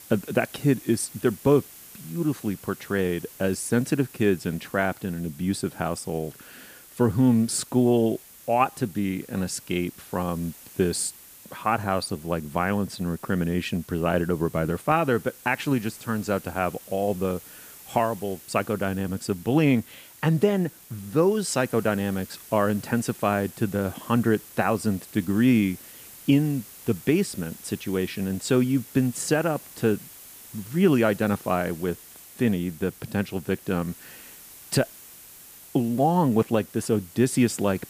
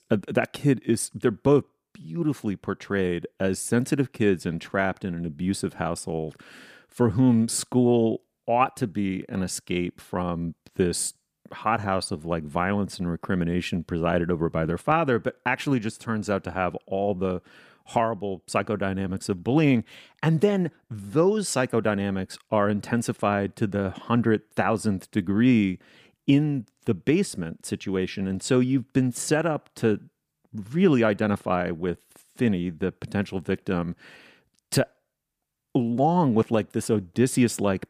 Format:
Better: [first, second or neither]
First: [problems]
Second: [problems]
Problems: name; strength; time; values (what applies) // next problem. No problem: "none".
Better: second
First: hiss; noticeable; throughout; 20 dB below the speech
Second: none